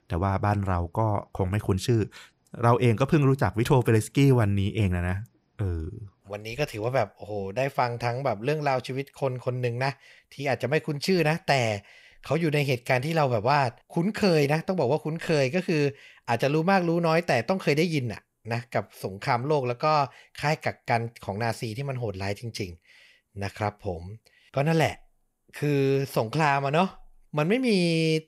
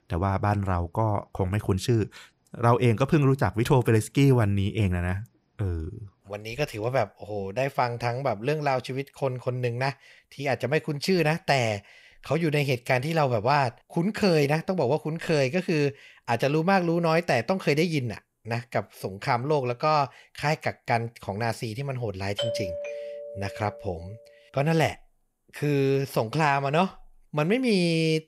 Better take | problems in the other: first | doorbell; noticeable; from 22 to 24 s; peak 4 dB below the speech

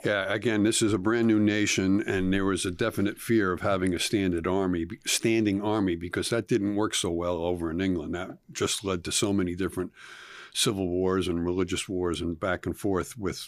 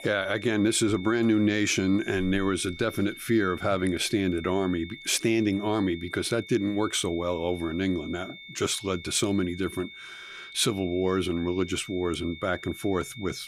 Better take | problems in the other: first | high-pitched whine; noticeable; throughout; 2 kHz, 15 dB below the speech

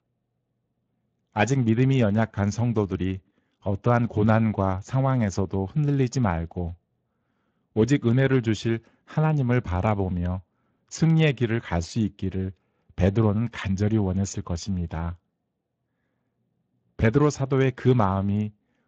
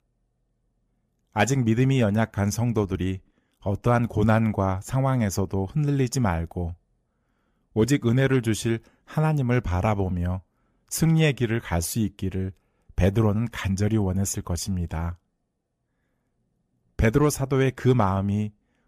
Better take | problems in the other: second | garbled, watery; slightly

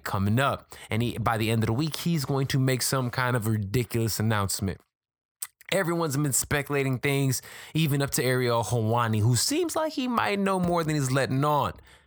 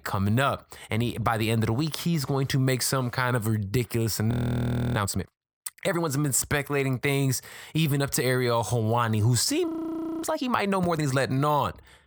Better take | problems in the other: first | audio freezing; at 4.5 s for 0.5 s and at 9.5 s for 0.5 s

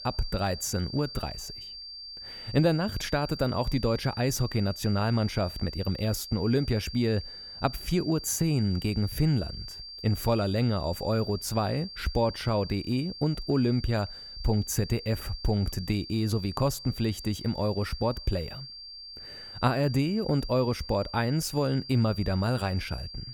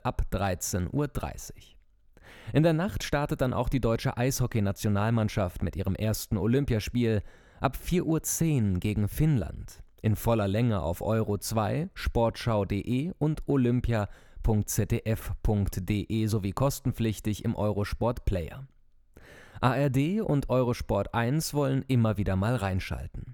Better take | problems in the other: second | high-pitched whine; noticeable; throughout; 4.5 kHz, 10 dB below the speech

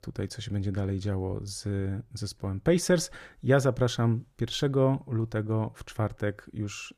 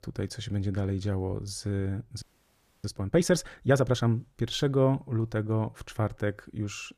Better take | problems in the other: first | audio freezing; at 2 s for 0.5 s

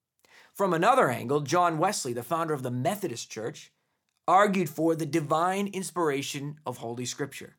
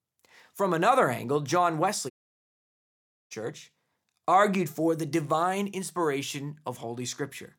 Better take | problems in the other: first | audio cutting out; at 2 s for 1 s

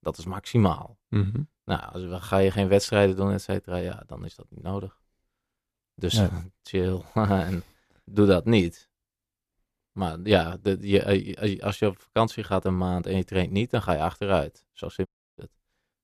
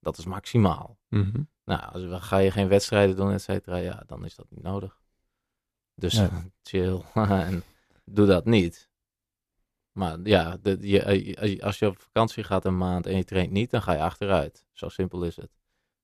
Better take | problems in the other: second | audio cutting out; at 15 s

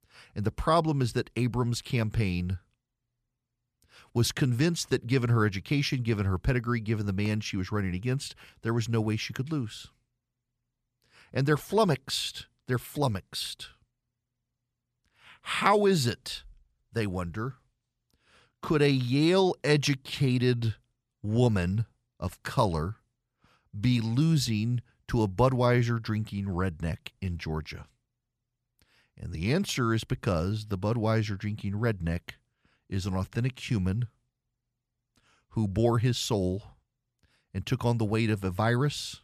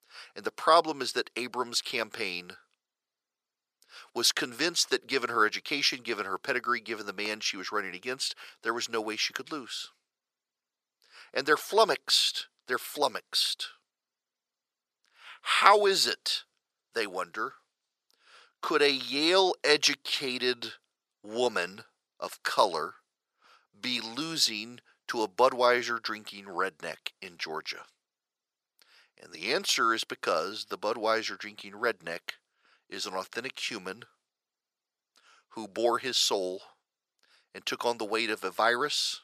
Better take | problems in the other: first | thin; very; fading below 400 Hz

